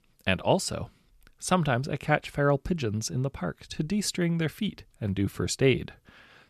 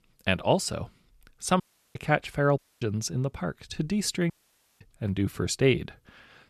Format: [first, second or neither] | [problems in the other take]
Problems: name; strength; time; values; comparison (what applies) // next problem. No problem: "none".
first | audio cutting out; at 1.5 s, at 2.5 s and at 4.5 s for 0.5 s